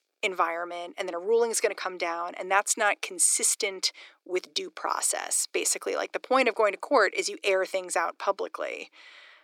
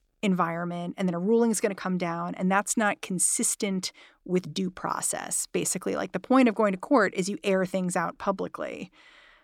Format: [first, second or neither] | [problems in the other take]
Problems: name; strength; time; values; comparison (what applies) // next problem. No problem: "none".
second | thin; very; fading below 350 Hz